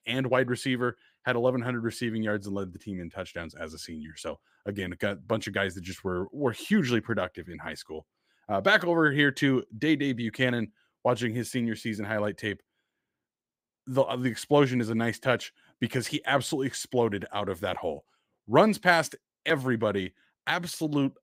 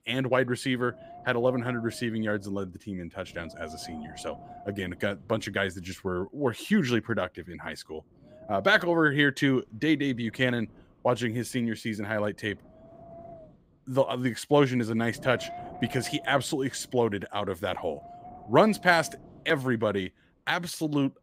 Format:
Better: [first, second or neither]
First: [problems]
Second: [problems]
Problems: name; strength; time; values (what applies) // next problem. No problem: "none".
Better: first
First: none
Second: wind noise on the microphone; occasional gusts; 20 dB below the speech